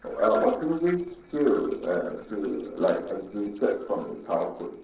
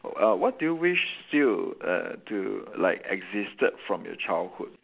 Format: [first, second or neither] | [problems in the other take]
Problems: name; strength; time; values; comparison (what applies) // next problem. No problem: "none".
second | noise reduction (neural separator model SepFormer DNS4)